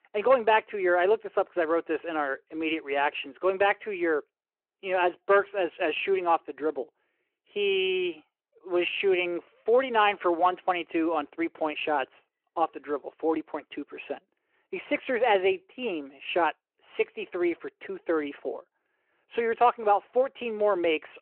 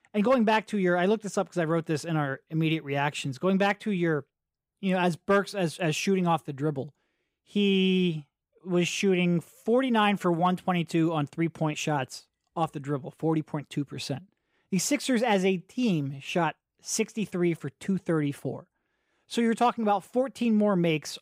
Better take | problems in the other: second | phone-call audio

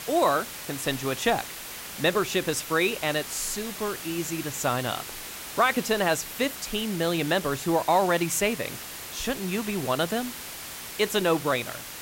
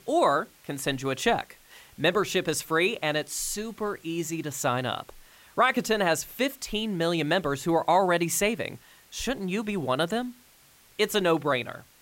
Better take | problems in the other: second | hiss; loud; throughout; 9 dB below the speech; faint in the second

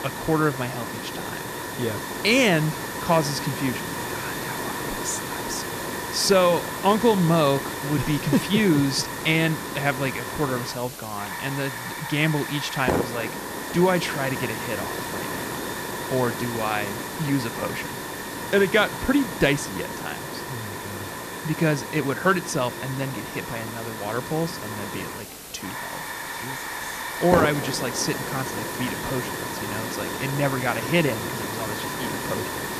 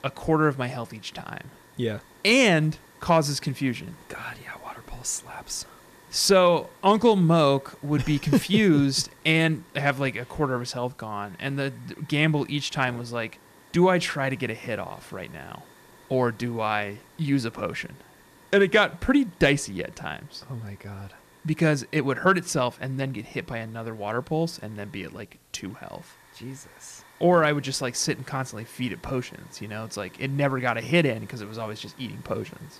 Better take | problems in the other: second | hiss; loud; throughout; 5 dB below the speech; faint in the second

